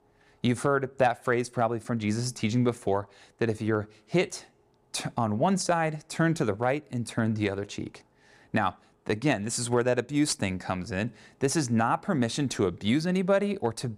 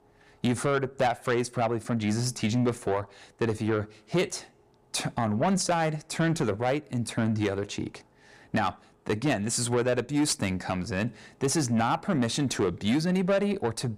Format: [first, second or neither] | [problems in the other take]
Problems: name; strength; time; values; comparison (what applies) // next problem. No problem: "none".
first | distortion; slight; 10 dB below the speech